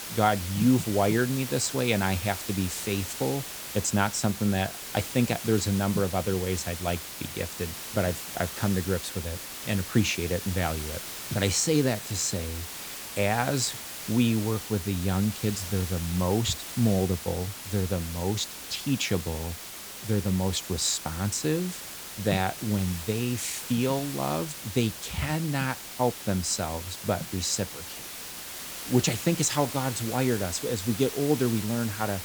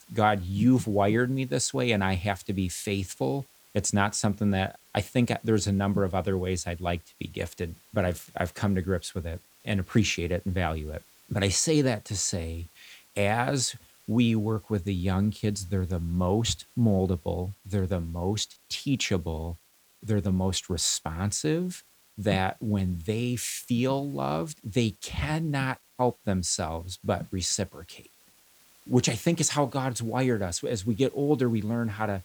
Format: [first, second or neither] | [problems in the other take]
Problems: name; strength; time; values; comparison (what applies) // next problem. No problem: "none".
second | hiss; loud; throughout; 8 dB below the speech; faint in the second